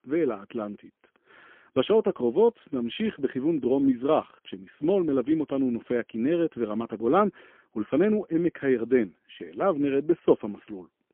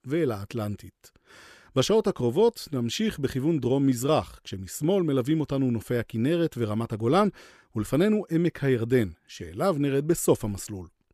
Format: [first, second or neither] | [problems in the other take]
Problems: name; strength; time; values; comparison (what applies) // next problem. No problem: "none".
second | phone-call audio; poor line; nothing above 3.5 kHz